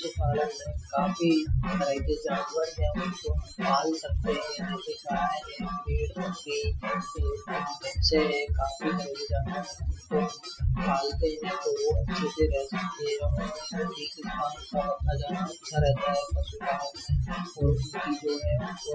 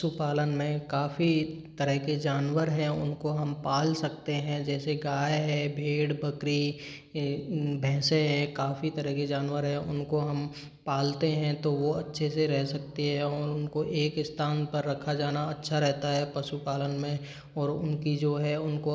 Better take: second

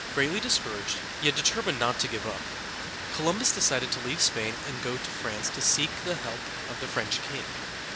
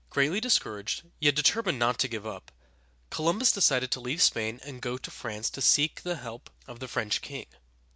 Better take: second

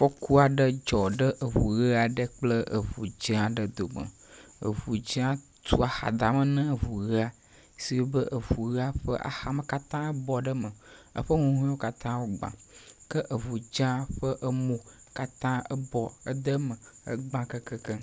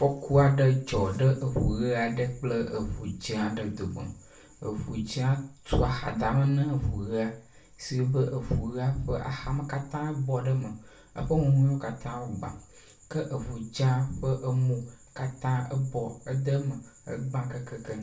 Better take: first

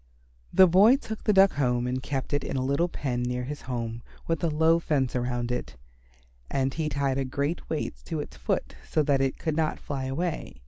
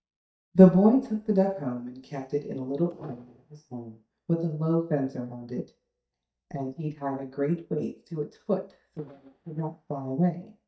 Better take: first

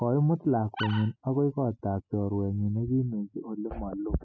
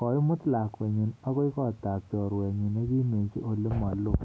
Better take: second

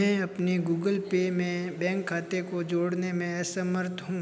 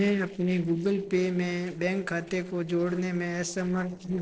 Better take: first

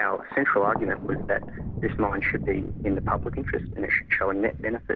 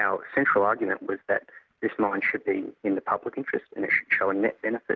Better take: second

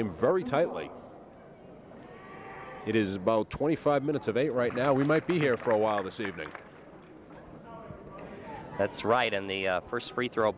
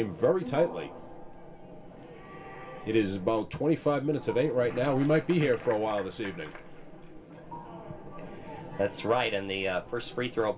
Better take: first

